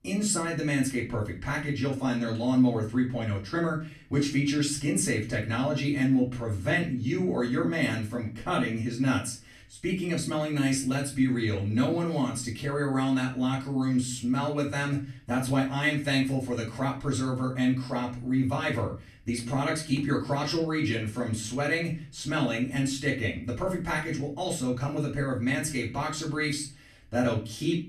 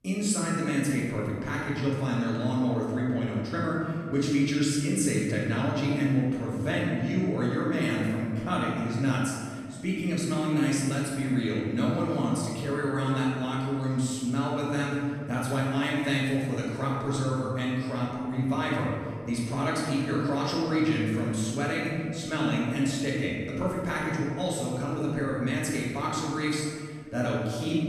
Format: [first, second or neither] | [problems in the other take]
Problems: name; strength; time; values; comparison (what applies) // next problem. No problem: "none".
first | room echo; strong; dies away in 1.8 s; slight in the first // off-mic speech; far; far in the first